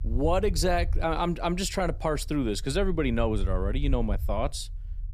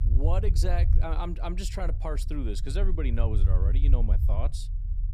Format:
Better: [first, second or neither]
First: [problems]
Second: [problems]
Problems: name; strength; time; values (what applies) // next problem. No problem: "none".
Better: first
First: low rumble; faint; throughout; 25 dB below the speech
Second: low rumble; loud; throughout; 9 dB below the speech